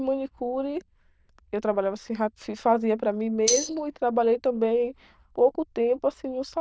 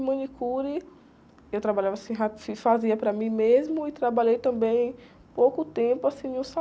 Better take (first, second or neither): second